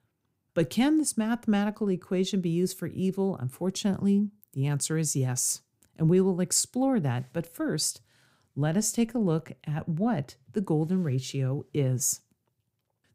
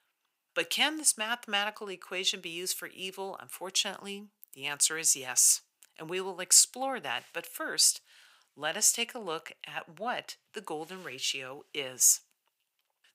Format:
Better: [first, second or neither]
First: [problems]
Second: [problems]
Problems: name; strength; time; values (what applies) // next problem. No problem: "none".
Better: first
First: none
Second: thin; very; fading below 950 Hz